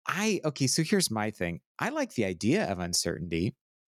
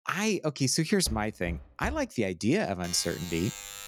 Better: first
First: none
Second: door banging; faint; at 1 s; peak 10 dB below the speech // alarm; noticeable; from 3 s on; peak 10 dB below the speech

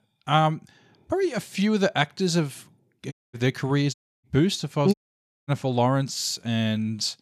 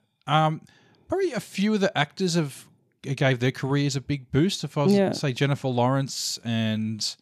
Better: second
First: audio cutting out; at 3 s, at 4 s and at 5 s for 0.5 s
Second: none

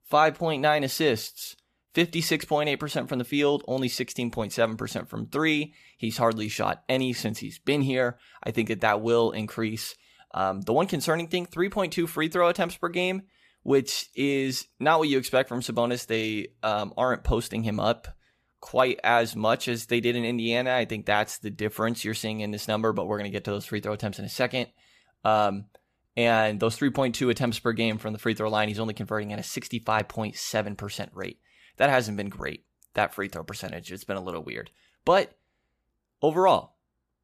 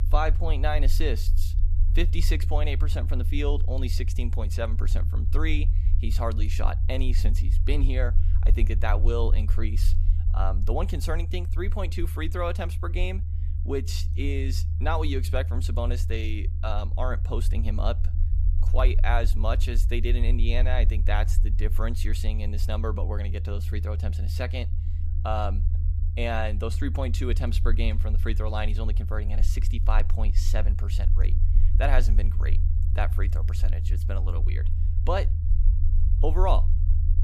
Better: first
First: none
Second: low rumble; noticeable; throughout; 10 dB below the speech

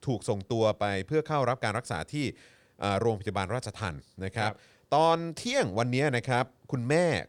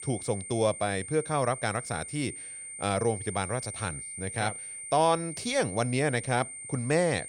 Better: first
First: none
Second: high-pitched whine; loud; throughout; 9 kHz, 8 dB below the speech

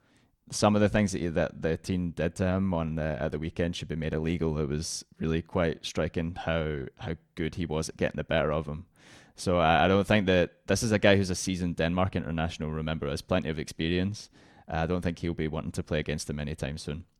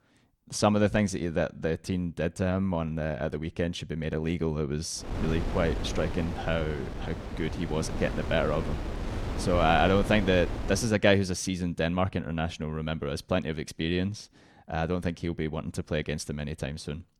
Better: first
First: none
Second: wind noise on the microphone; heavy; from 5 to 11 s; 9 dB below the speech

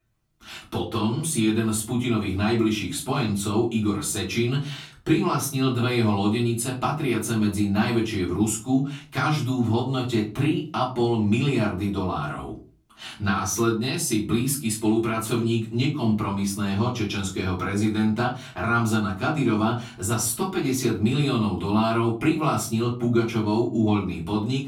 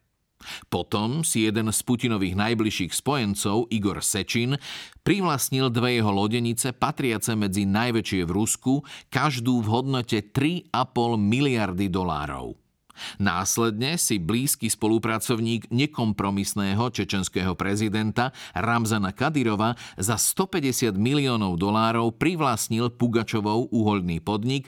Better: second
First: off-mic speech; far // room echo; slight; dies away in 0.3 s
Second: none

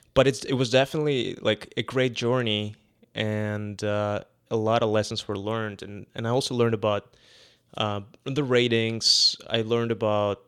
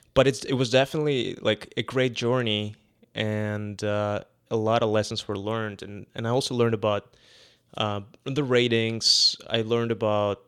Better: neither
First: none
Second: none

